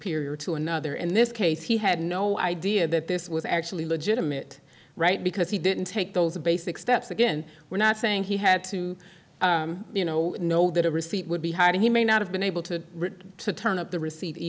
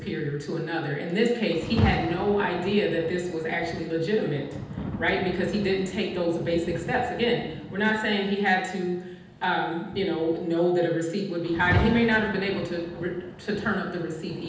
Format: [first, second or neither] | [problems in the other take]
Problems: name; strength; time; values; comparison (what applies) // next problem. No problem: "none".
first | background sound (Rain); 9 dB below the speech // room echo; dies away in 0.9 s